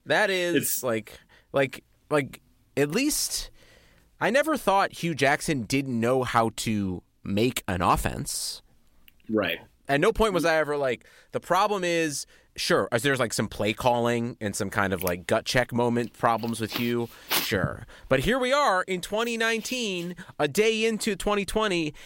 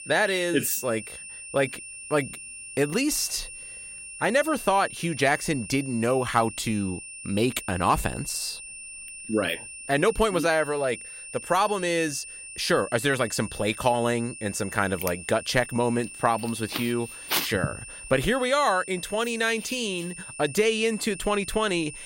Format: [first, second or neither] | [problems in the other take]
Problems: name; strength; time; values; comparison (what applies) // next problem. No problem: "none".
first | high-pitched whine; noticeable; throughout; 2.5 kHz, 10 dB below the speech